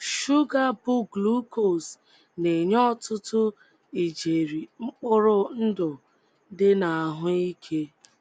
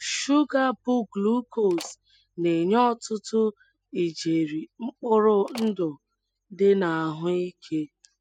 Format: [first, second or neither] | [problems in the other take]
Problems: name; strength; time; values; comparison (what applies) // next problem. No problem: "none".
first | noise reduction (classical method spectral subtraction)